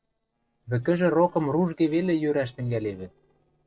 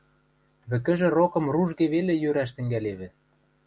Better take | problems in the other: second | noise reduction (neural separator model SepFormer DNS4)

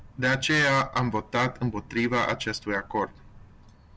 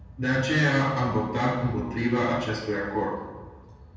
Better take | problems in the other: first | room echo; dies away in 1.2 s

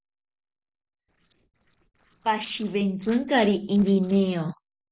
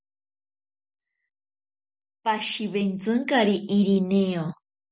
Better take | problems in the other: second | noise reduction (neural separator model SepFormer DNS4)

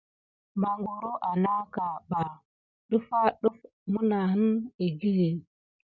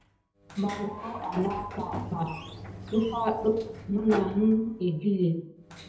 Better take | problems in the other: first | background sound (Sliding door); 12 dB below the speech // room echo; dies away in 0.9 s

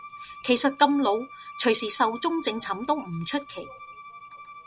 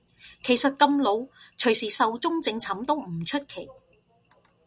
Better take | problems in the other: second | background sound (Bowed string instrument); 17 dB below the speech

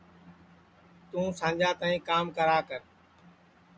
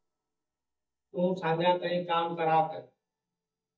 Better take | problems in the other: first | noise reduction (neural mask model DeepFilterNet 3)

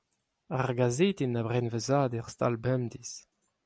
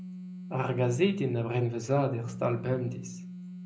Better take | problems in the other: first | background sound (Telephone); 13 dB below the speech // room echo; dies away in 0.5 s

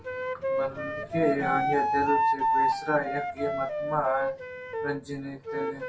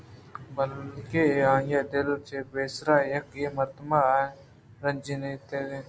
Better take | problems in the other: second | background sound (Wind instrument, woodwind instrument); 2 dB above the speech // room echo; dies away in 0.2 s

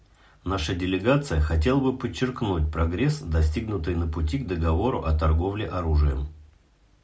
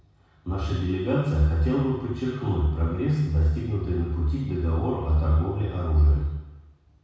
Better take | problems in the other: first | room echo; dies away in 1.1 s

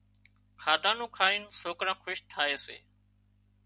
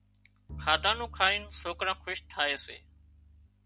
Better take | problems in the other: first | background sound (Bowed string instrument); 15 dB below the speech

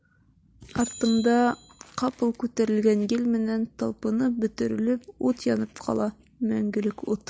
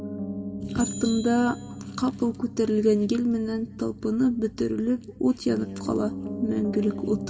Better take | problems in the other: first | background sound (Piano); 10 dB below the speech // room echo; dies away in 1.8 s

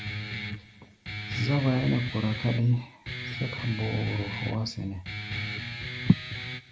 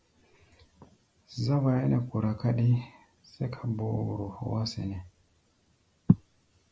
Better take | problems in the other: second | background sound (Guitar); 6 dB below the speech

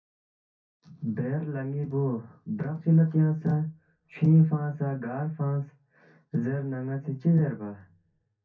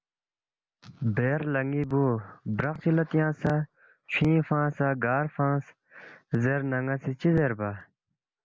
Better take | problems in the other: second | room echo; dies away in 0.3 s

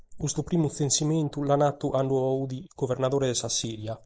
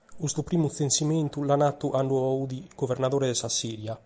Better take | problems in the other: second | noise reduction (neural mask model Resemble Enhance denoiser)

